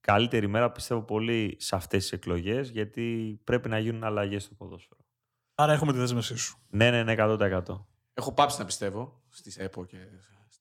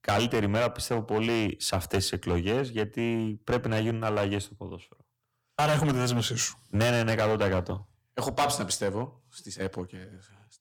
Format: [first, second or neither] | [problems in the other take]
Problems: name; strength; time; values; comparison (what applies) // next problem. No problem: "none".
first | distortion; heavy; 9% of the sound clipped